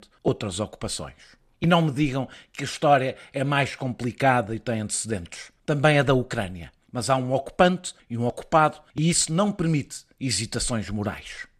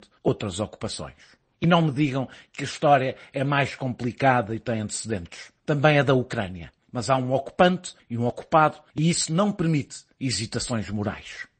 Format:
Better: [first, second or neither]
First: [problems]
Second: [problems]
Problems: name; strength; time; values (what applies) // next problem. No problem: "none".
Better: first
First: none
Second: garbled, watery; slightly; nothing above 8 kHz